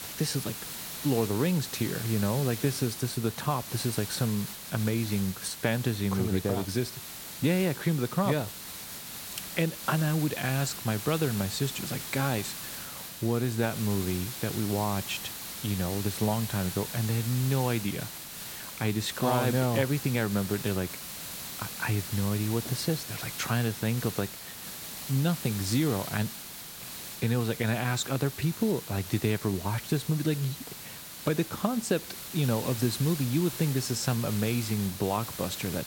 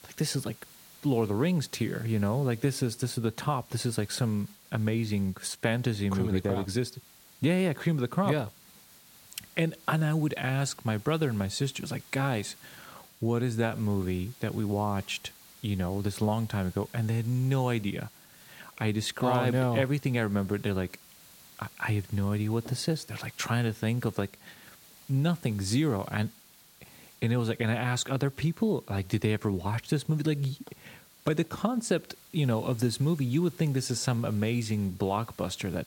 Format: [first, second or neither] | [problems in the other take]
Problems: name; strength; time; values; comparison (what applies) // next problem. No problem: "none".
second | hiss; loud; throughout; 8 dB below the speech; faint in the second